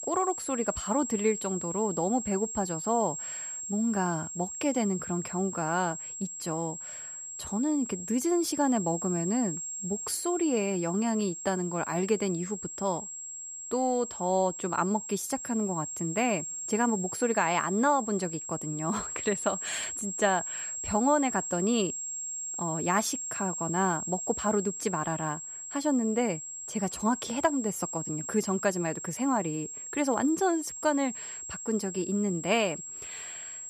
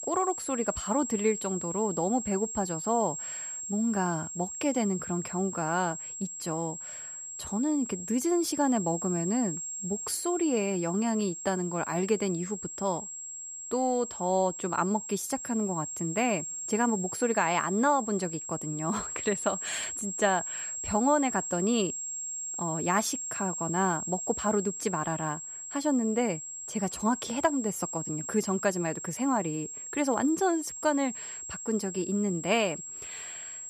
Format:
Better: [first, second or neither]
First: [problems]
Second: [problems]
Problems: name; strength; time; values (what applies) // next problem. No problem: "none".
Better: neither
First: high-pitched whine; loud; throughout; 7.5 kHz, 5 dB below the speech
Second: high-pitched whine; loud; throughout; 7.5 kHz, 5 dB below the speech